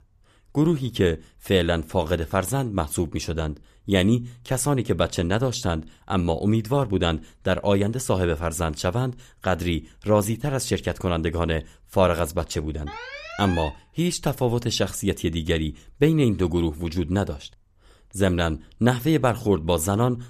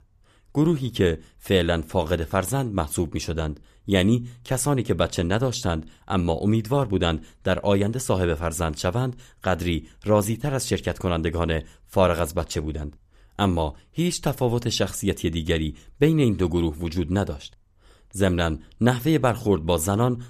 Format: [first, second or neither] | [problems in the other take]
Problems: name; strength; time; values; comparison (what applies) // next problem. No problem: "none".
second | alarm; noticeable; at 13 s; peak 9 dB below the speech